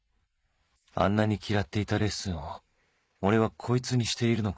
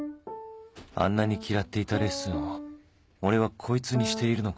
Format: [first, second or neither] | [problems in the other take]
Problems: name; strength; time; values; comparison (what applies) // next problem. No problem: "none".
second | noise reduction (neural mask model Resemble Enhance denoiser)